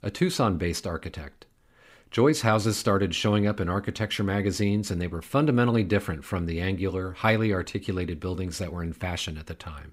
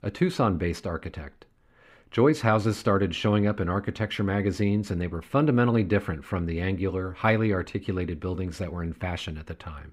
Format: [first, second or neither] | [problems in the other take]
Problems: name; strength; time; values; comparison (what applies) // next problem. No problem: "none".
first | muffled; slightly; fading above 3.5 kHz